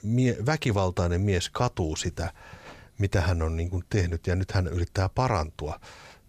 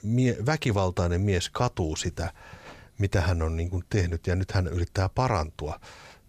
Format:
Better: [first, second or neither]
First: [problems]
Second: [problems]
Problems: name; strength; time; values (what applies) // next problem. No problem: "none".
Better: neither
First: none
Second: none